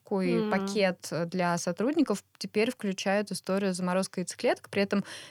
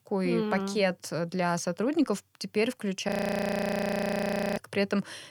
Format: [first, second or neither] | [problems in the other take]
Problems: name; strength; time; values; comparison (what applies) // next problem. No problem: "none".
first | audio freezing; at 3 s for 1.5 s